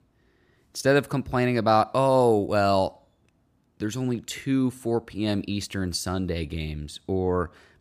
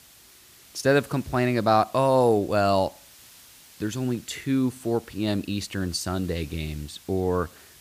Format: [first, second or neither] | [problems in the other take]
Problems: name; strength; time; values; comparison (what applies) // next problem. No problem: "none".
first | hiss; faint; throughout; 25 dB below the speech